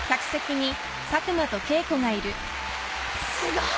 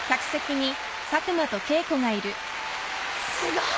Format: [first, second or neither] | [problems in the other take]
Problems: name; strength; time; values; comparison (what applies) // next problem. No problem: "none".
second | background sound (Drum kit); 15 dB below the speech